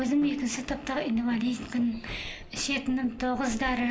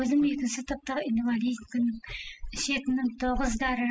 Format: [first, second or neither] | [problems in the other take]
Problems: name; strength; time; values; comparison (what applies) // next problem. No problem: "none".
first | noise reduction (classical method spectral subtraction)